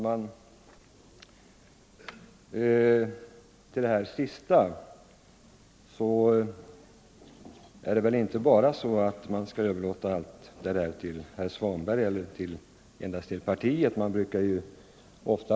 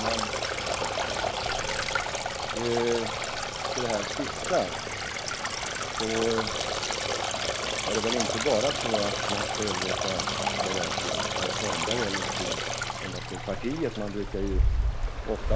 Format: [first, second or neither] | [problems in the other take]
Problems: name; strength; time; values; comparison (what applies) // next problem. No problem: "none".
first | background sound (Stream); 4 dB above the speech